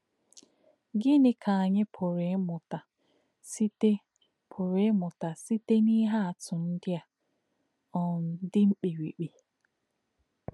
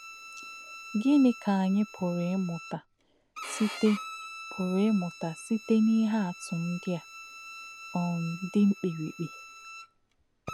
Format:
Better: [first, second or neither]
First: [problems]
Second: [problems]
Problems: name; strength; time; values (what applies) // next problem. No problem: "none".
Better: first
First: none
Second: background sound (Bowed string instrument); 15 dB below the speech